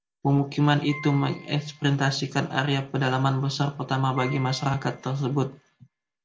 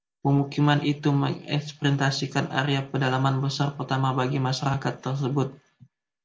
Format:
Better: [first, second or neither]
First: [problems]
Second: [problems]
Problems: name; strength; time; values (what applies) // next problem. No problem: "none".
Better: second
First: background sound (Piano); 20 dB below the speech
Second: none